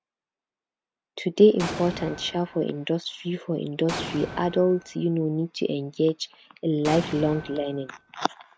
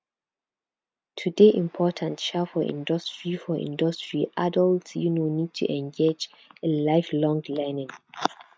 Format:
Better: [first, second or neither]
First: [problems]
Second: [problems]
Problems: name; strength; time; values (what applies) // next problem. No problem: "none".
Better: second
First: background sound (Explosion); 11 dB below the speech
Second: none